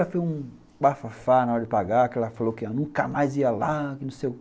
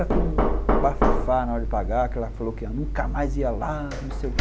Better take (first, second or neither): first